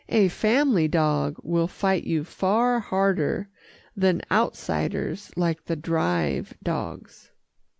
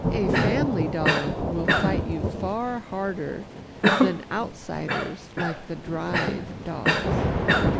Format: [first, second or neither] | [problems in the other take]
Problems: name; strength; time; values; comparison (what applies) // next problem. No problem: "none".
first | background sound (Thunder / Rain + Cough); 5 dB above the speech